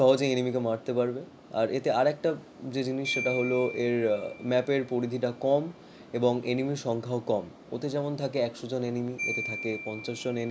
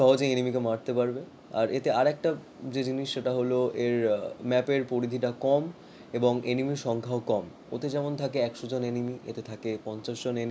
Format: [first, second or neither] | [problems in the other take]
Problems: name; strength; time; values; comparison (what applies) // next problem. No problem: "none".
second | background sound (Marimba, xylophone); 14 dB below the speech